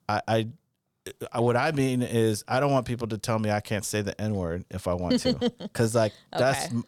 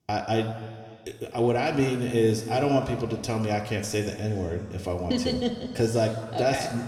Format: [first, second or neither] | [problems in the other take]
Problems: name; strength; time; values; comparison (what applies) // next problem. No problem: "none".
first | room echo; noticeable; dies away in 1.8 s // off-mic speech; somewhat distant